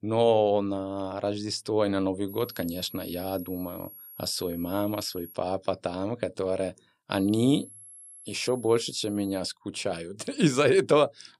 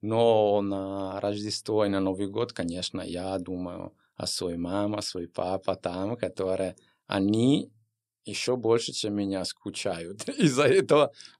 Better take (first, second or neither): second